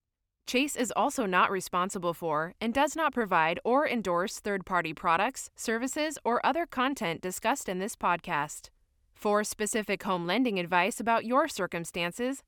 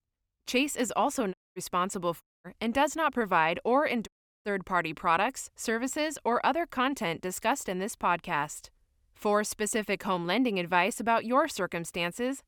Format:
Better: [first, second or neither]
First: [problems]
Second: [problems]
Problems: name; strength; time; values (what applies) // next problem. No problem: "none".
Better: first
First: none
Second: audio cutting out; at 1.5 s, at 2 s and at 4 s